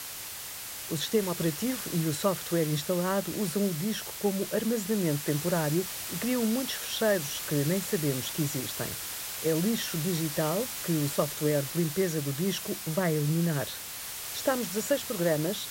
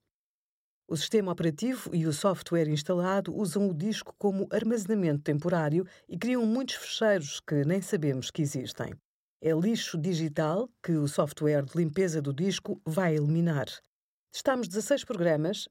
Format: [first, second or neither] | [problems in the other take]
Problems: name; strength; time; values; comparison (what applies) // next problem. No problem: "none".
second | hiss; loud; throughout; 5 dB below the speech